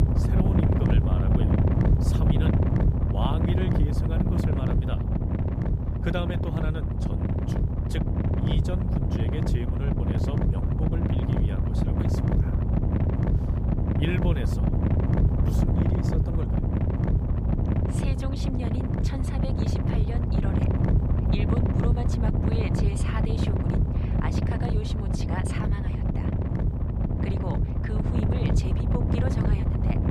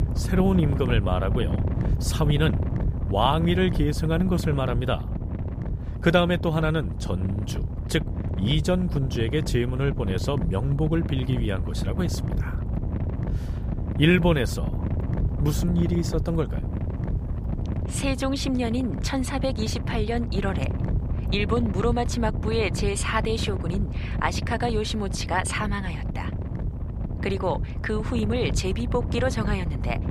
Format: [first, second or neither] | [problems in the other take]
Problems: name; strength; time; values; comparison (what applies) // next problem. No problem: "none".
second | wind noise on the microphone; heavy; 4 dB above the speech; occasional gusts in the second